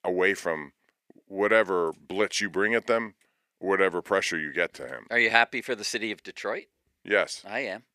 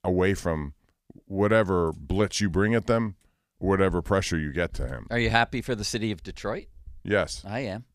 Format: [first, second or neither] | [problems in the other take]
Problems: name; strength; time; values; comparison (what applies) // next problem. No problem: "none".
second | thin; somewhat; fading below 400 Hz